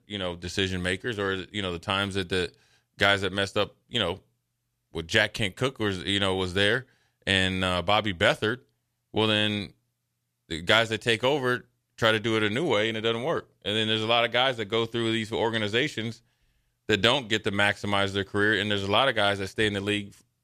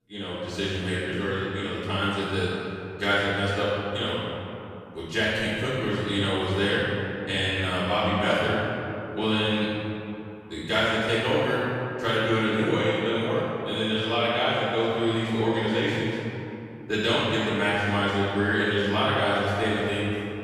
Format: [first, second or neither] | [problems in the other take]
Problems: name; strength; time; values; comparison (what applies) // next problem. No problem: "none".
first | off-mic speech; far // room echo; strong; dies away in 2.8 s